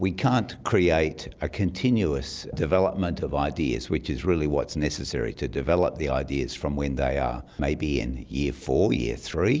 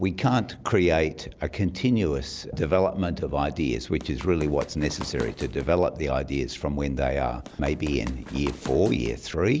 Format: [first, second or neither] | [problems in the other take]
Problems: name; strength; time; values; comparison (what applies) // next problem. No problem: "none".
first | background sound (Run); 15 dB below the speech